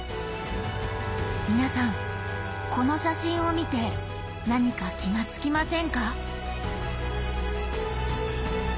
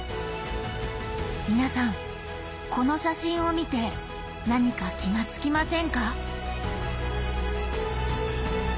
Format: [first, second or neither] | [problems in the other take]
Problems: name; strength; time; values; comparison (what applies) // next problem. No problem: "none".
second | background sound (Bowed string instrument); 9 dB below the speech